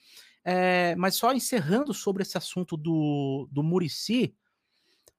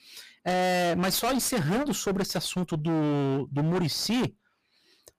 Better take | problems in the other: first | distortion; heavy; 29% of the sound clipped

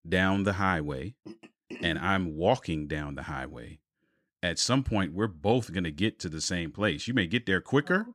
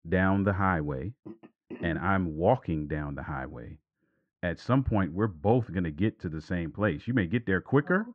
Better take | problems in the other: first | muffled; very; fading above 1.5 kHz

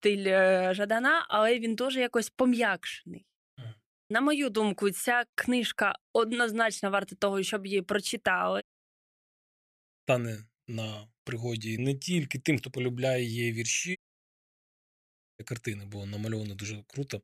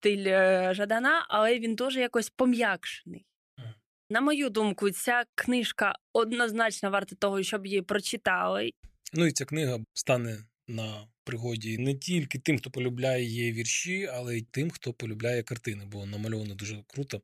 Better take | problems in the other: second | audio cutting out; at 8.5 s for 1.5 s and at 14 s for 1.5 s

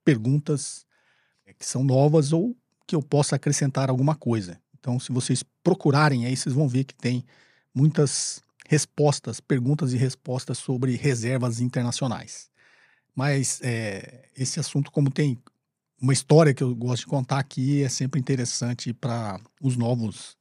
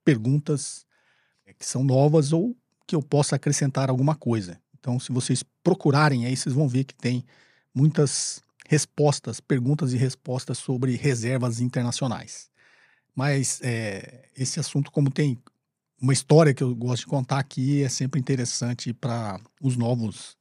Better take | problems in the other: neither | none

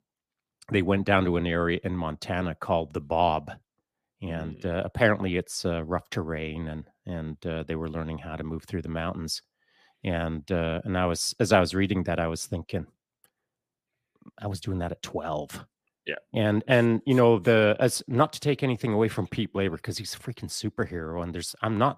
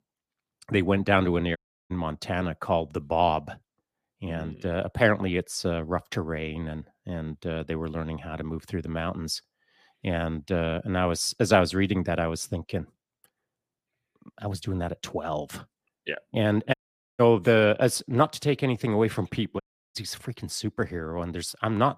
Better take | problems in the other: first | audio cutting out; at 1.5 s, at 17 s and at 20 s

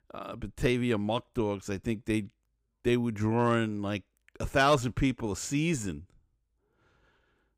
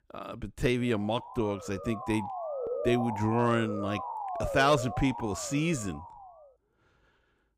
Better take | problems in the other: first | siren; noticeable; from 1 to 6.5 s; peak 4 dB below the speech

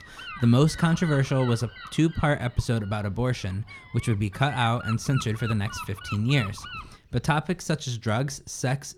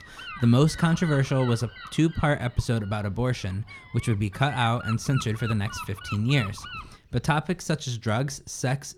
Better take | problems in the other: neither | wind noise on the microphone; heavy; until 7 s; 9 dB below the speech; the same in both

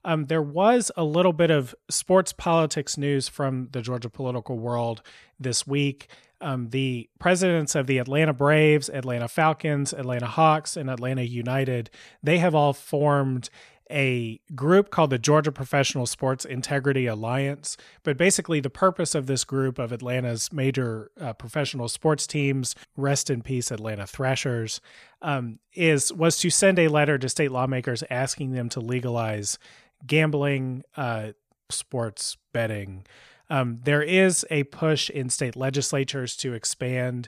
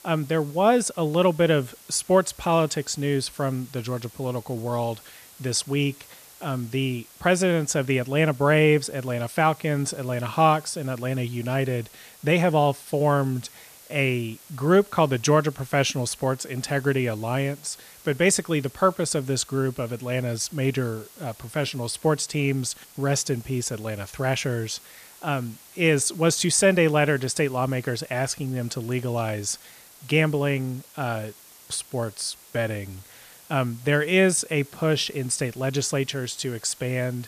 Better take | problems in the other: first | hiss; faint; throughout; 20 dB below the speech

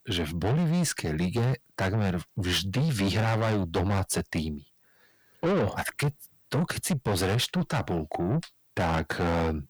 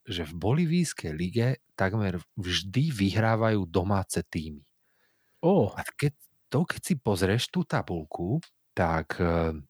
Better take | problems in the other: second | distortion; heavy; 6 dB below the speech

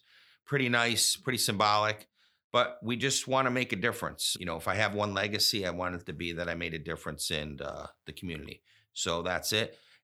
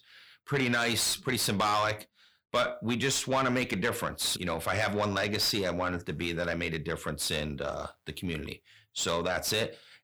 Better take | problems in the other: first | distortion; heavy; 8 dB below the speech

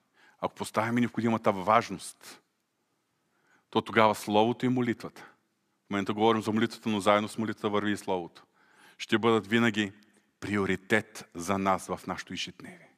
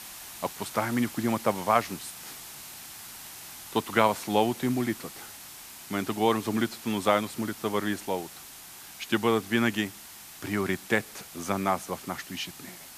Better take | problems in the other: first | hiss; noticeable; throughout; 15 dB below the speech

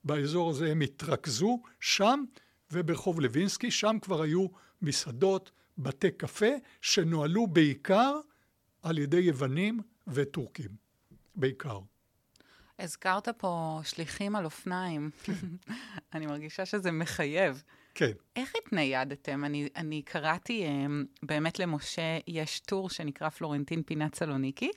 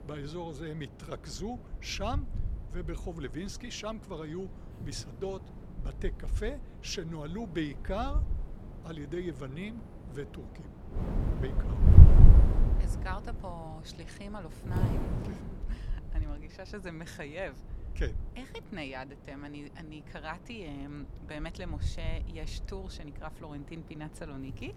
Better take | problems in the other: first | wind noise on the microphone; heavy; 3 dB below the speech

